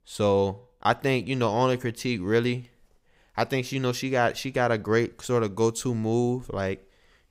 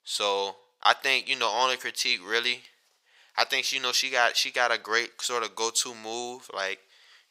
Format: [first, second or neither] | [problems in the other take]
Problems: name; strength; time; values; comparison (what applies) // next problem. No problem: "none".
first | thin; very; fading below 900 Hz